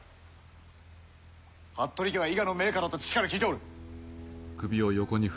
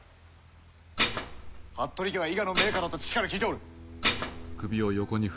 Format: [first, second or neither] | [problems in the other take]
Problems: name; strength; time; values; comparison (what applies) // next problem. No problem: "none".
first | background sound (Dishes, pots, and pans); 1 dB below the speech